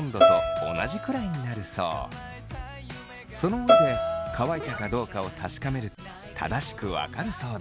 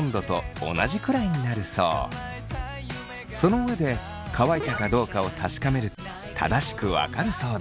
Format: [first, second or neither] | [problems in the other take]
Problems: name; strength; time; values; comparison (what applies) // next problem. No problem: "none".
second | background sound (Bowed string instrument); 4 dB above the speech